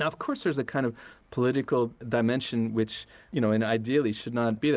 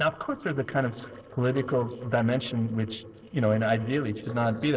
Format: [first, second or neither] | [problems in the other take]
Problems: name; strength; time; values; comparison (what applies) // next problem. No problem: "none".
first | noise reduction (neural separator model SepFormer DNS4)